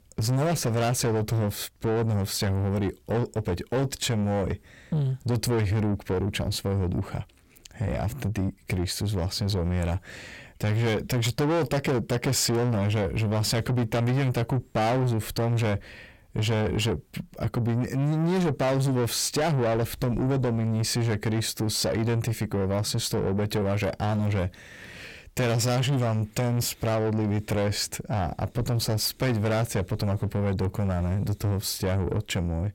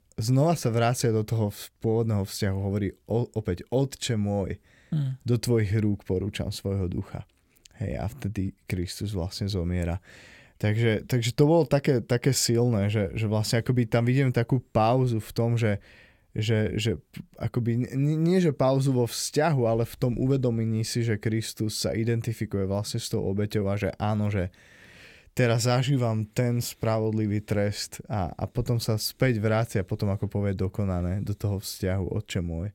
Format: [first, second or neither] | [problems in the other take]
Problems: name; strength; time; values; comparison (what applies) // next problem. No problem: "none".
second | distortion; heavy; 7 dB below the speech